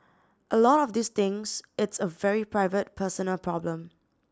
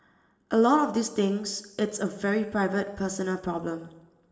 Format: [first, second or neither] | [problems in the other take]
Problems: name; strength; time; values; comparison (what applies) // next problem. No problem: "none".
first | room echo; dies away in 1.1 s